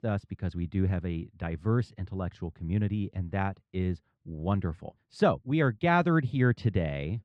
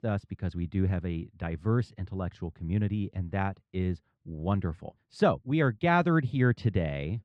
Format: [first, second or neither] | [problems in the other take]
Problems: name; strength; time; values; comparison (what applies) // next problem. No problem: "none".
neither | muffled; slightly; fading above 2.5 kHz; the same in both